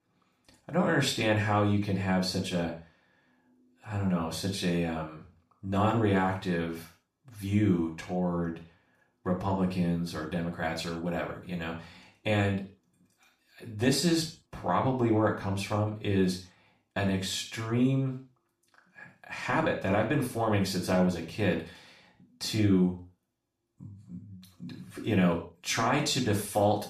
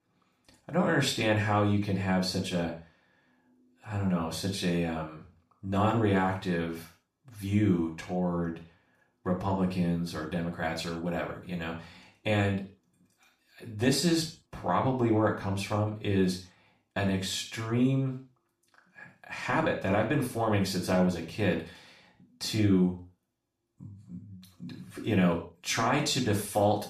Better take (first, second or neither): neither